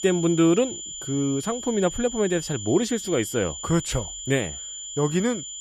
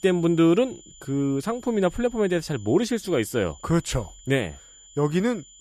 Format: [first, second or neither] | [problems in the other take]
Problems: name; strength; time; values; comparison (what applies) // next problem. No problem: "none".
second | high-pitched whine; loud; throughout; 7 kHz, 8 dB below the speech; faint in the second